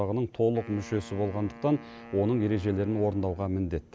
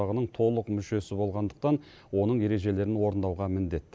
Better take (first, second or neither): second